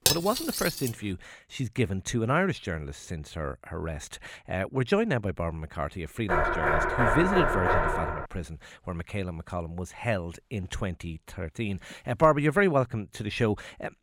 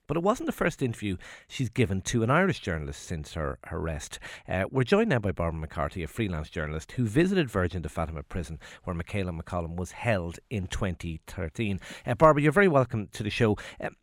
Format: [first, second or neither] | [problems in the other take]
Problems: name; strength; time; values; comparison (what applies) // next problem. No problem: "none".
second | clattering dishes; loud; at the start; peak 6 dB above the speech // door banging; loud; from 6.5 to 8.5 s; peak 5 dB above the speech